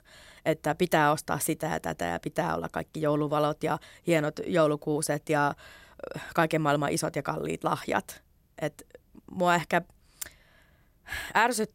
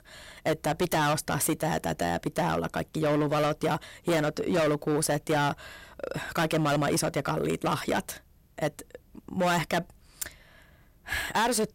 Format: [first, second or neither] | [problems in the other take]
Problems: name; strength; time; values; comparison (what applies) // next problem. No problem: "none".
first | distortion; heavy; 13% of the sound clipped